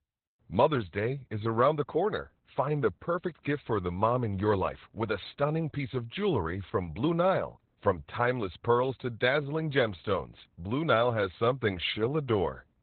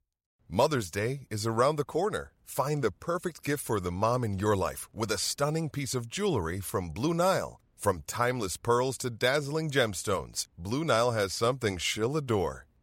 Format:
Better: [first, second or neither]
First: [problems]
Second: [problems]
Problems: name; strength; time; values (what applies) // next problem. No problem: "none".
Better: second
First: garbled, watery; badly; nothing above 4 kHz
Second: none